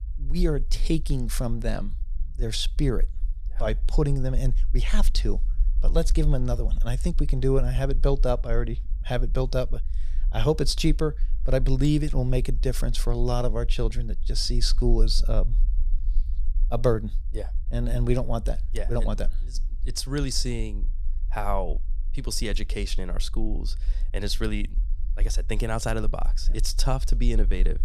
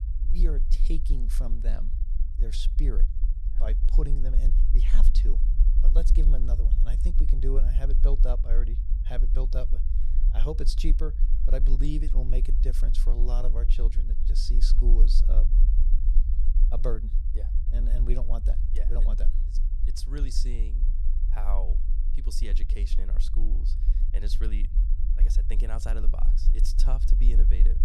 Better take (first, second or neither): first